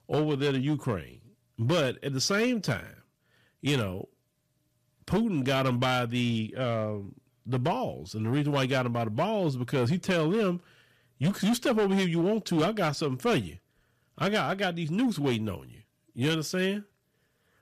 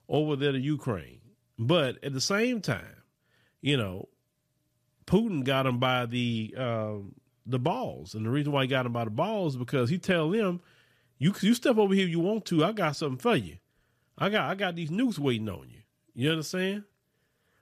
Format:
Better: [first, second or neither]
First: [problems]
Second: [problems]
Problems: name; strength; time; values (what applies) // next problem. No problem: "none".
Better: second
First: distortion; slight; 8% of the sound clipped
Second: none